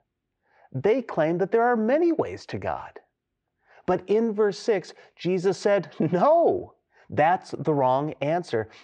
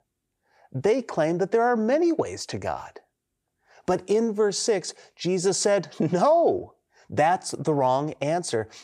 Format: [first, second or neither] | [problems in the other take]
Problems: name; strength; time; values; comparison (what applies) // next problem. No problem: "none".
second | muffled; slightly; fading above 2.5 kHz